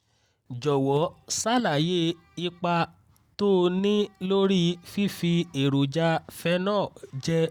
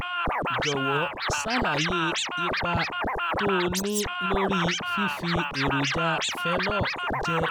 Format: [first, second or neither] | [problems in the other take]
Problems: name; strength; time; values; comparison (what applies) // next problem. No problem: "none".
first | background sound (Scratching (performance technique)); 3 dB above the speech